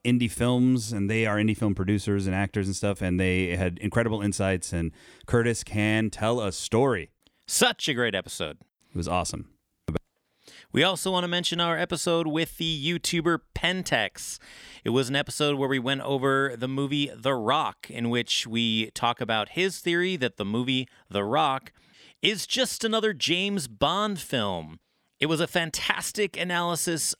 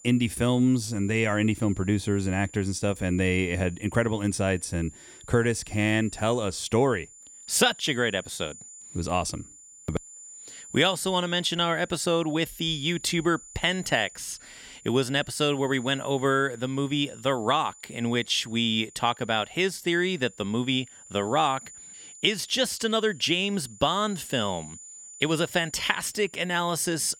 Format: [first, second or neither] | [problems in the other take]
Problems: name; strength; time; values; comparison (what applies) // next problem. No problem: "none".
first | high-pitched whine; noticeable; throughout; 7 kHz, 20 dB below the speech